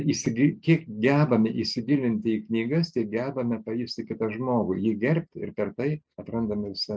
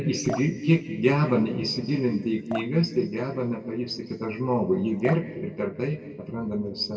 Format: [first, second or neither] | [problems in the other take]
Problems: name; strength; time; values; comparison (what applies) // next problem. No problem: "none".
first | background sound (Drip); 16 dB below the speech // room echo; dies away in 1.5 s